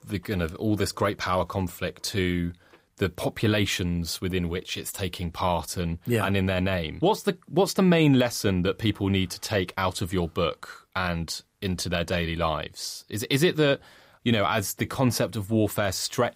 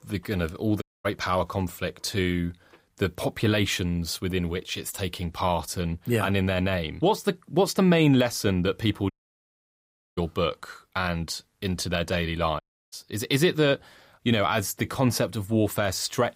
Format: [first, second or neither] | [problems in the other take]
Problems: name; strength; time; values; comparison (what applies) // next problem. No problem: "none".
first | audio cutting out; at 1 s, at 9 s for 1 s and at 13 s